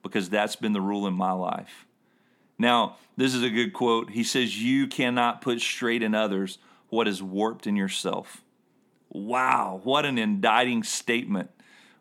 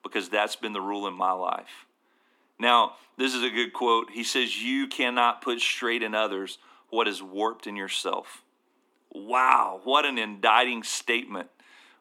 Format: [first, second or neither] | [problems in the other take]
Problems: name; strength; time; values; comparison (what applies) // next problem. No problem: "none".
first | thin; somewhat; fading below 250 Hz